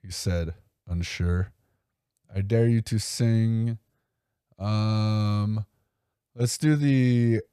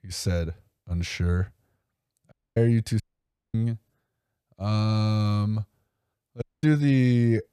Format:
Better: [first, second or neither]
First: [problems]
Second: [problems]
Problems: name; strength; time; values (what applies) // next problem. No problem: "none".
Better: first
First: none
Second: audio cutting out; at 2.5 s, at 3 s for 0.5 s and at 6.5 s